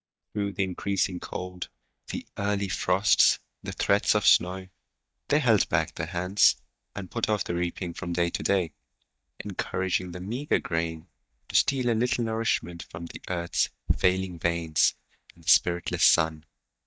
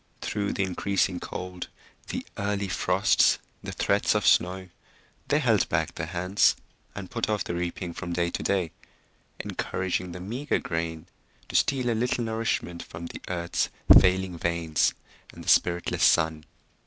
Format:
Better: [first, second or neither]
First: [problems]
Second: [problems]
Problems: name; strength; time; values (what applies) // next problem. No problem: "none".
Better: second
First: noise reduction (neural mask model DeepFilterNet 3)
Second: none